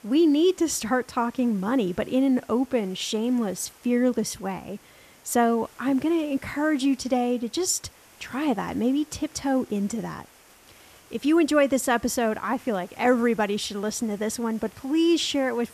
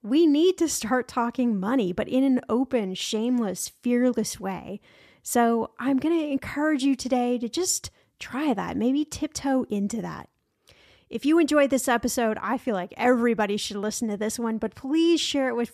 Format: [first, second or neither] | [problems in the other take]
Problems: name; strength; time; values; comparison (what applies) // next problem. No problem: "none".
second | hiss; faint; throughout; 25 dB below the speech